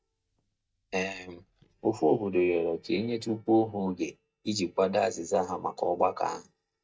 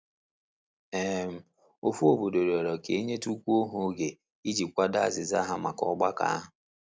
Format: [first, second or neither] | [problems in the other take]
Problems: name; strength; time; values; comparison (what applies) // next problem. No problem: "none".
second | noise reduction (neural mask model DeepFilterNet 3)